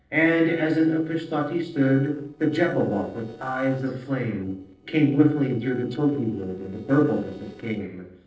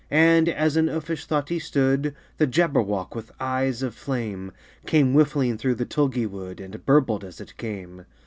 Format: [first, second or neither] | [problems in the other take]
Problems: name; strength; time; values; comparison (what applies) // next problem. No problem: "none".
second | noise reduction (neural separator model SepFormer DNS4)